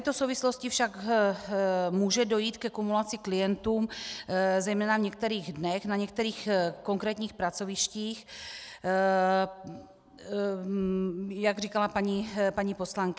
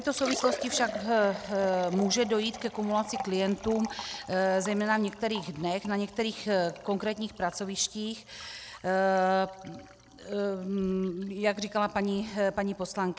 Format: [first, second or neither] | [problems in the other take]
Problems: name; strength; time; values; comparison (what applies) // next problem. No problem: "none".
first | background sound (Liquid); 13 dB below the speech